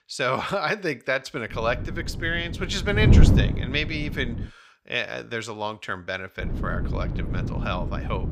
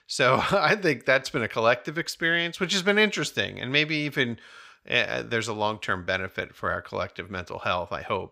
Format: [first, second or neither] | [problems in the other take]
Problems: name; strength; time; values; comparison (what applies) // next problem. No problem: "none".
second | wind noise on the microphone; heavy; from 1.5 to 4.5 s and from 6.5 s on; 8 dB below the speech